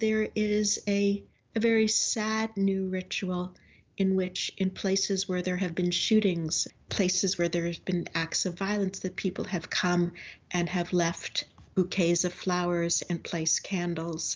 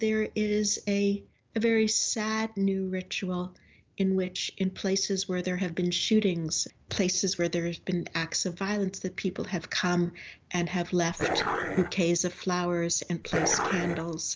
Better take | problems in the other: first | background sound (Dog); 2 dB below the speech

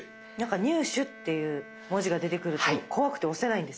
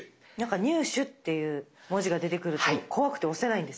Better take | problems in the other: second | background sound (Bowed string instrument); 19 dB below the speech

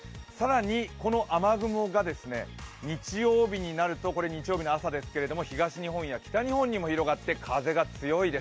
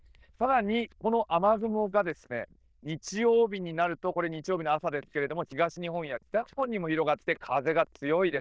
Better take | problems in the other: first | noise reduction (neural diffusion model UNIVERSE++)

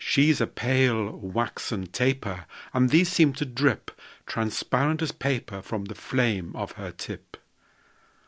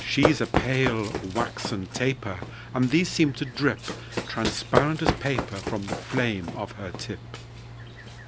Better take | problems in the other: first | background sound (Run); 3 dB below the speech

